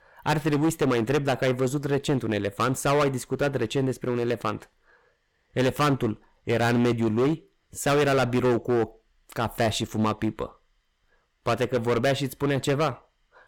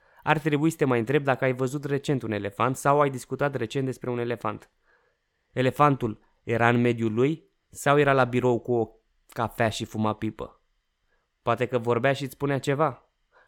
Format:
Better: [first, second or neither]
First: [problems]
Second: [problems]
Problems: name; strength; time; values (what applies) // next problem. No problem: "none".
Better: second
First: distortion; heavy; 11% of the sound clipped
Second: none